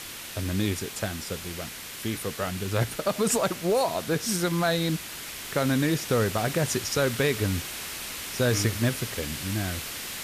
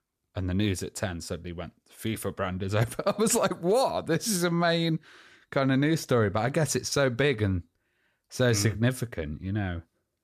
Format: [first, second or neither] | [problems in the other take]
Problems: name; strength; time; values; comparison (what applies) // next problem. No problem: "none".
second | hiss; loud; throughout; 7 dB below the speech